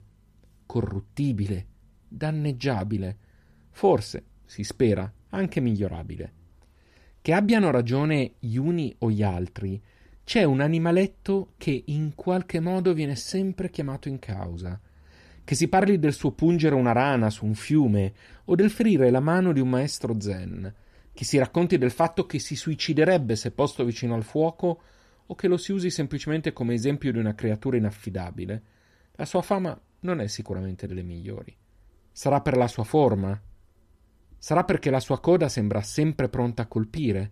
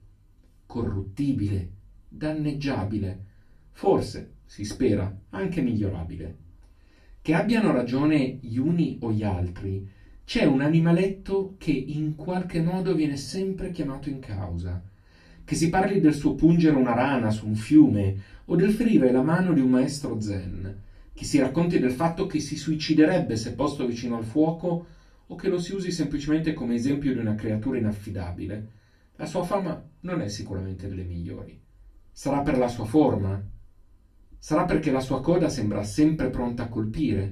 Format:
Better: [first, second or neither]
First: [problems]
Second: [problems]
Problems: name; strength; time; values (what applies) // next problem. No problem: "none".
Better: first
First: none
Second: off-mic speech; far // room echo; very slight; dies away in 0.2 s